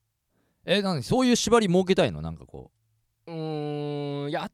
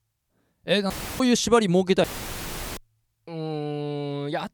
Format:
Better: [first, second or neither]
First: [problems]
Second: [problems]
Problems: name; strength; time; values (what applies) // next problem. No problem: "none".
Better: first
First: none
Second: audio cutting out; filled with static; at 1 s and at 2 s for 0.5 s